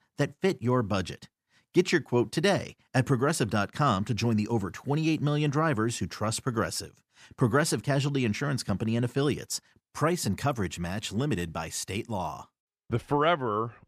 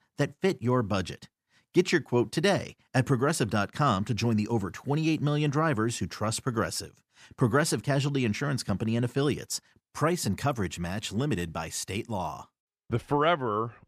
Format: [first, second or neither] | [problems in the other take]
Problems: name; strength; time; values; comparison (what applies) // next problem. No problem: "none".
neither | none